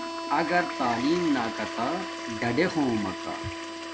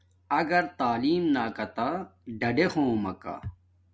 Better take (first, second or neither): second